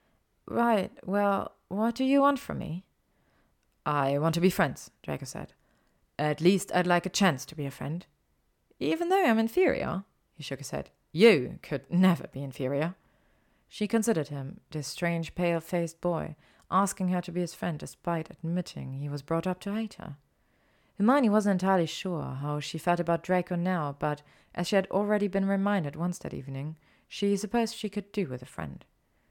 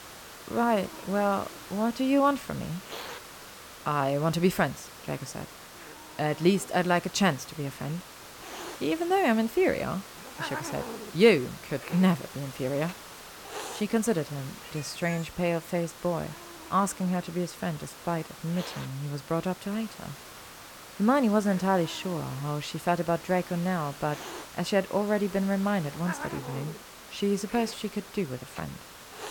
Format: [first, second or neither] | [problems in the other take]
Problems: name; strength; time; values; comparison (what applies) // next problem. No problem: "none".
first | hiss; noticeable; throughout; 15 dB below the speech